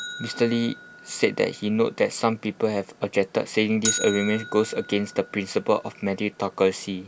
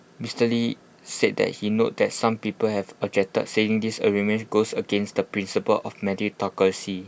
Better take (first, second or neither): second